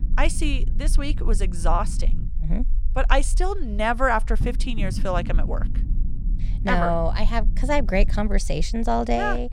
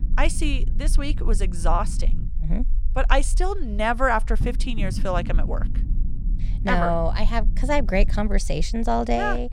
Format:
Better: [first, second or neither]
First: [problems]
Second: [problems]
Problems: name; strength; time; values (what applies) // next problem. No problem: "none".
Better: neither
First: low rumble; faint; throughout; 20 dB below the speech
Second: low rumble; faint; throughout; 20 dB below the speech